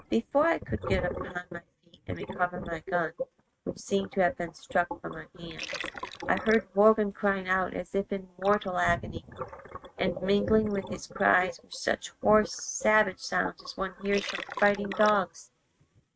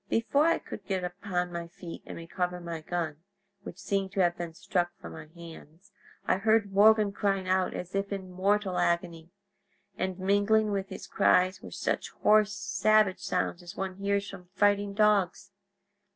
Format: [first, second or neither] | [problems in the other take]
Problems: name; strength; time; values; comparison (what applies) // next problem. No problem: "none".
second | noise reduction (neural mask model RNNoise)